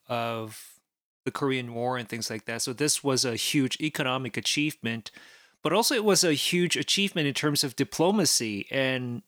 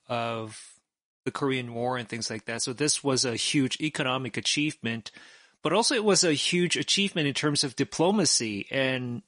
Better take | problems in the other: first | garbled, watery; slightly; nothing above 10.5 kHz

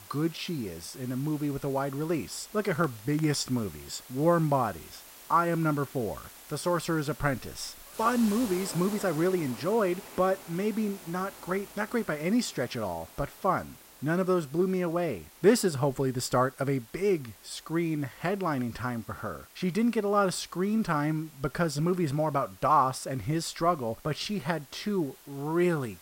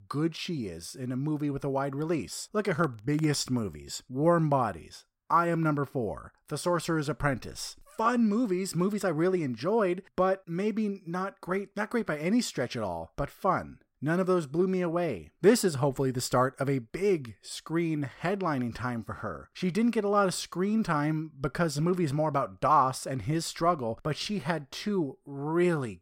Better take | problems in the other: second | hiss; noticeable; throughout; 20 dB below the speech

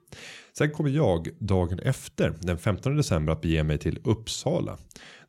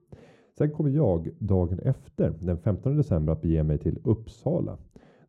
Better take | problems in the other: first | muffled; very; fading above 1 kHz

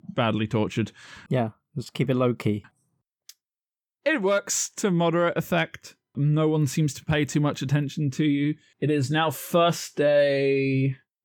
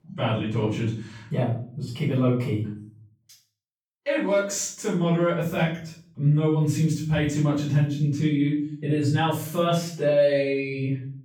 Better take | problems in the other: first | off-mic speech; far // room echo; noticeable; dies away in 0.4 s

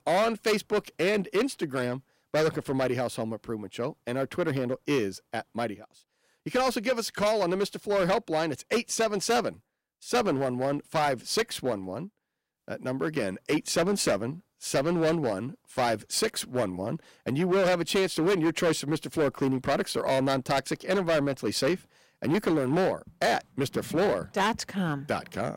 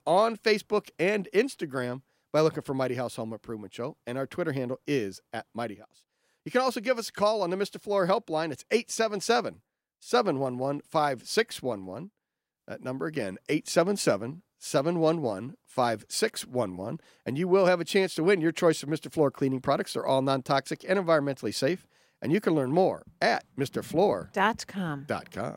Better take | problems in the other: second | distortion; heavy; 10% of the sound clipped

